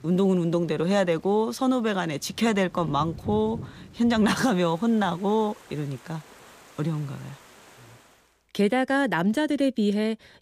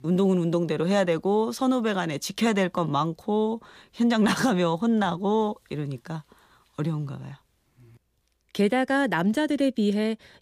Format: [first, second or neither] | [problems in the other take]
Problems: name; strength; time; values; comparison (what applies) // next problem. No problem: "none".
second | rain or running water; faint; until 8 s; 20 dB below the speech